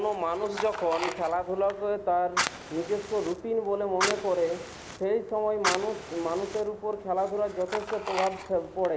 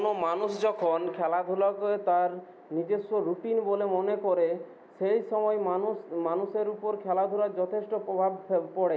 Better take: second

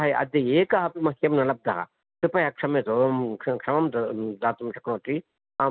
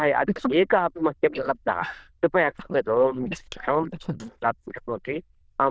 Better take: first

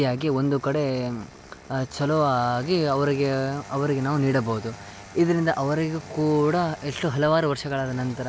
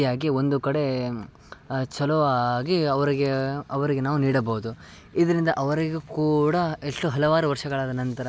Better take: second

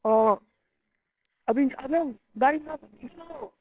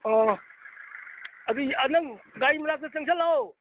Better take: second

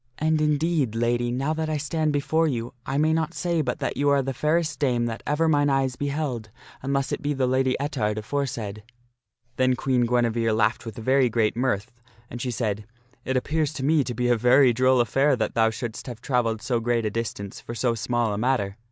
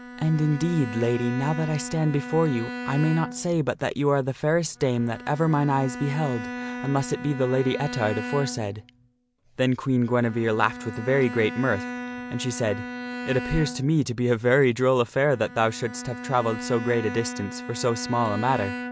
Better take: first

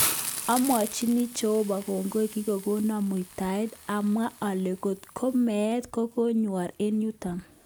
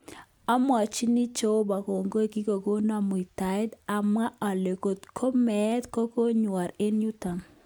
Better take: second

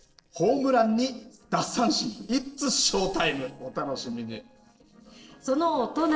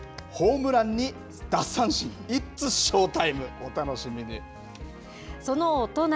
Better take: second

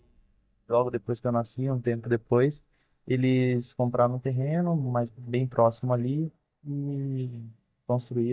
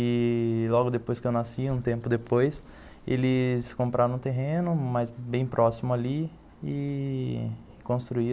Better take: second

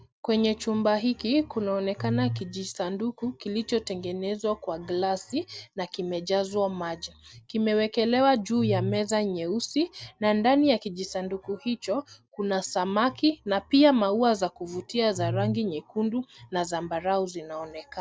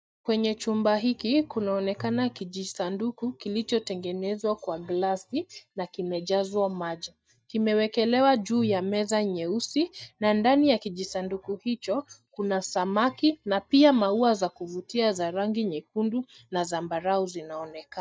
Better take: first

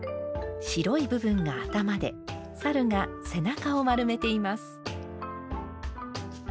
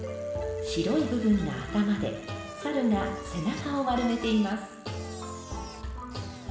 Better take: first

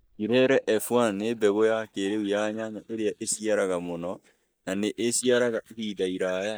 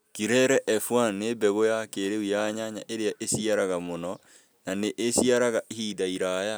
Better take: second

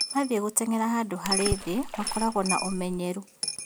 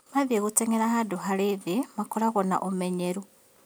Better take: second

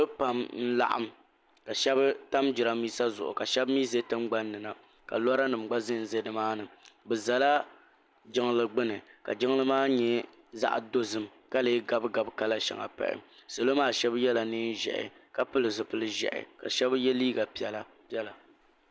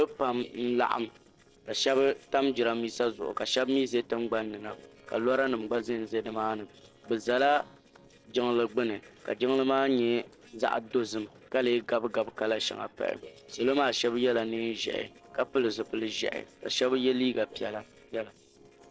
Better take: first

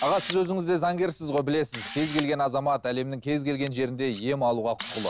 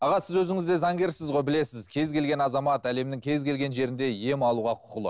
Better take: second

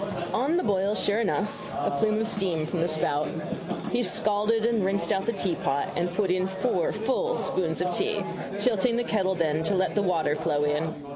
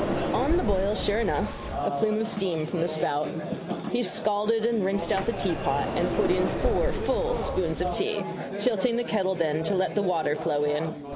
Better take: first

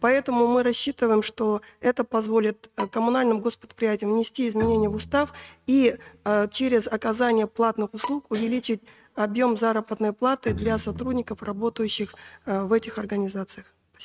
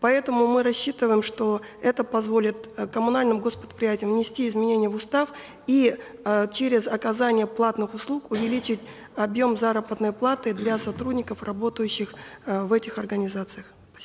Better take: second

